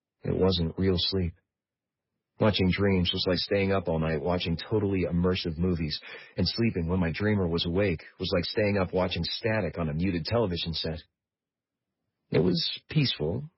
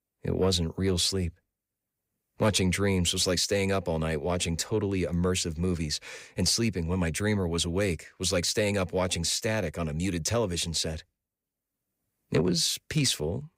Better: second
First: garbled, watery; badly; nothing above 5.5 kHz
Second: none

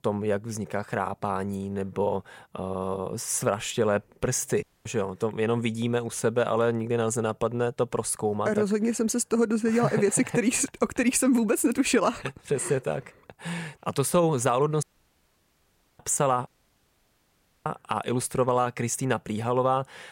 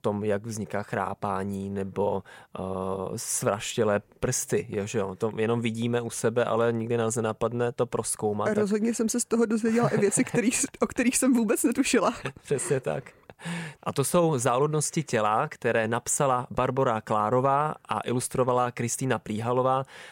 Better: second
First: audio cutting out; at 4.5 s, at 15 s for 1 s and at 16 s for 1 s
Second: none

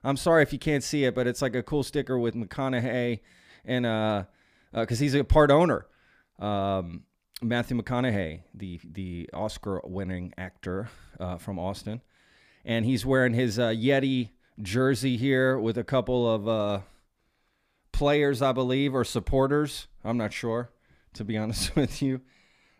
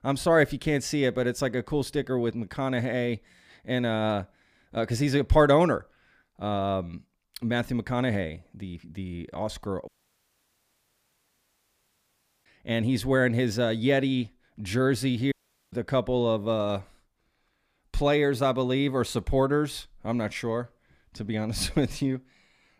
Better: first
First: none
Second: audio cutting out; at 10 s for 2.5 s and at 15 s

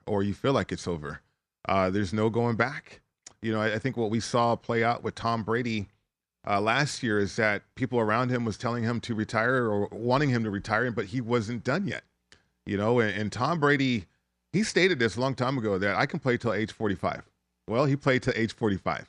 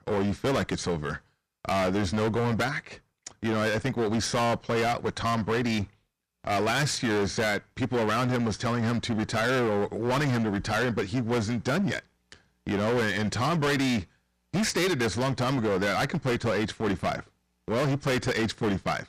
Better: first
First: none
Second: distortion; heavy; 23% of the sound clipped

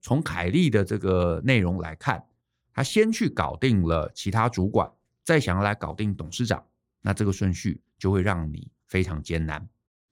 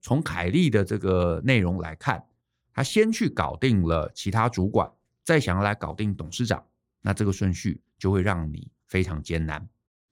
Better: neither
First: none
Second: none

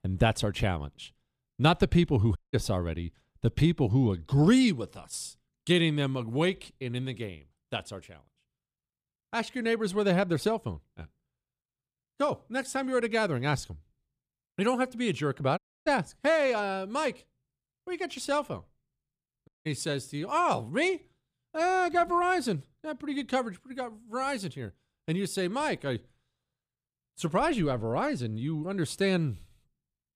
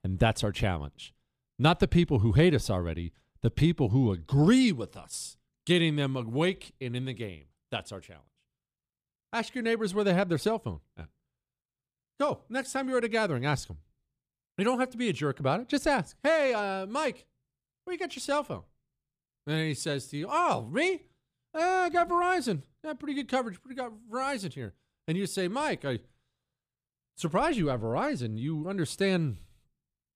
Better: second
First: audio cutting out; at 2.5 s, at 16 s and at 19 s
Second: none

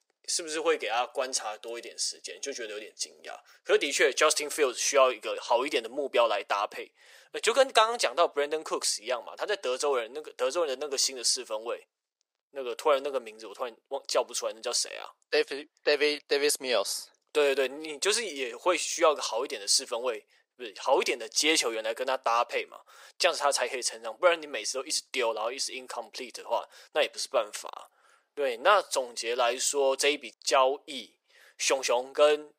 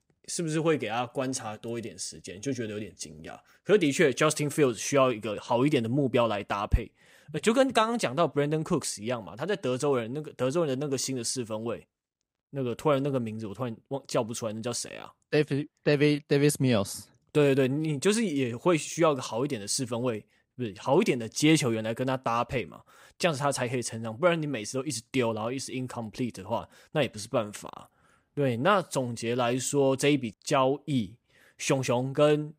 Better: second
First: thin; very; fading below 450 Hz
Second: none

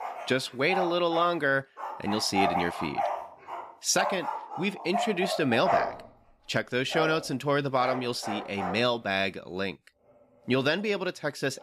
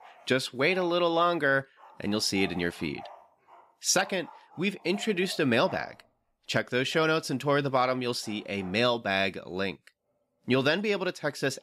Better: second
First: animal sounds; loud; throughout; 5 dB below the speech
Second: animal sounds; faint; throughout; 20 dB below the speech

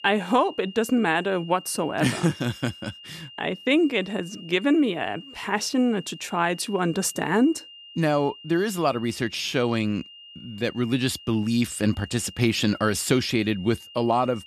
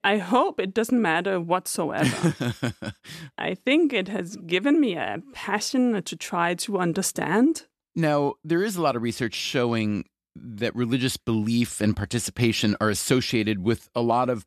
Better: second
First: high-pitched whine; noticeable; throughout; 3 kHz, 20 dB below the speech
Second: none

